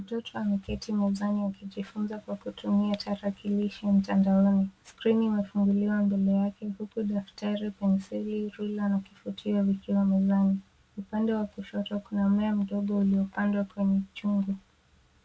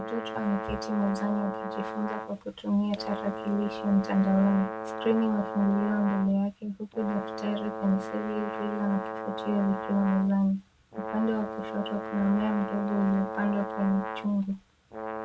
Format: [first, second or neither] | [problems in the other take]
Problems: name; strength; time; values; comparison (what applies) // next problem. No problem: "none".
first | background sound (Brass instrument); 7 dB below the speech